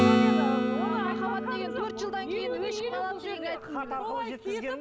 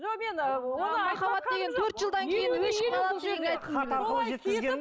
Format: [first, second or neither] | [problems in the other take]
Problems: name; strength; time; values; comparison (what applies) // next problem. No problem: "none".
second | background sound (Acoustic guitar / Strum); 4 dB above the speech